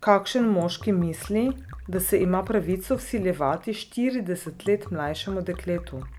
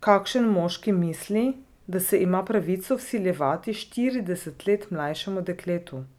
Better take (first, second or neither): second